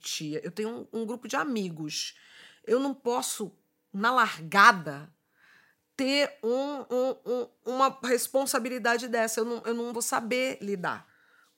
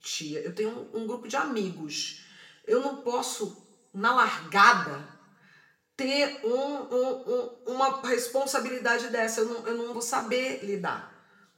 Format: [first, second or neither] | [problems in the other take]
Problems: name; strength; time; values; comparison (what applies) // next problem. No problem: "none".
first | room echo; very slight; dies away in 0.6 s // off-mic speech; somewhat distant